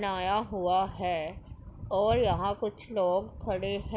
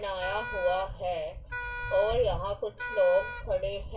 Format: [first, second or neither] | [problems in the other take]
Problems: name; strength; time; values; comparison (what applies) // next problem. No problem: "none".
first | background sound (Wind instrument, woodwind instrument); 10 dB below the speech // room echo; dies away in 0.2 s